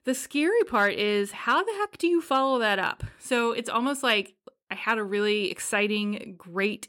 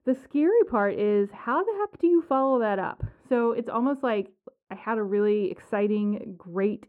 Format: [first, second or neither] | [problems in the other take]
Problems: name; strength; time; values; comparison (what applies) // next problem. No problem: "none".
first | muffled; very; fading above 2 kHz